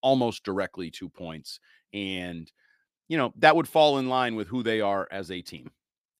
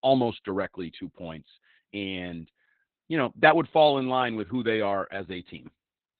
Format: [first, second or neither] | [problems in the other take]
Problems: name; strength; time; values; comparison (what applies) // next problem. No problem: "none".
first | garbled, watery; badly; nothing above 4 kHz